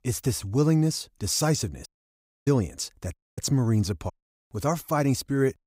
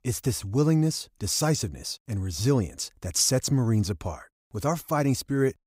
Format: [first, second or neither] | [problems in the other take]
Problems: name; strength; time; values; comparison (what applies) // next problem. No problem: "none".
second | audio cutting out; at 2 s for 0.5 s, at 3 s and at 4 s